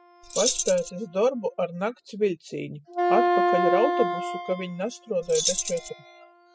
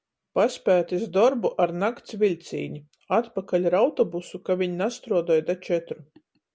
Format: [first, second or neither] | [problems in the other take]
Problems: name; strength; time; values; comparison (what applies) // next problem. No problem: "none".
second | noise reduction (classical method spectral subtraction)